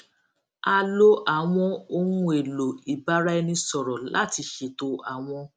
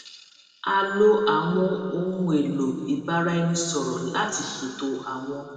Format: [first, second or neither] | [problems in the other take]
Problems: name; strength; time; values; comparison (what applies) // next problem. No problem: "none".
first | room echo; dies away in 2 s